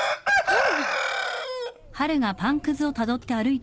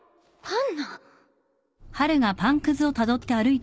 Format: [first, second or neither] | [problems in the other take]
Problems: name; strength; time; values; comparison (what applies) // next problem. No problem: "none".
second | background sound (Chicken, rooster); as loud as the speech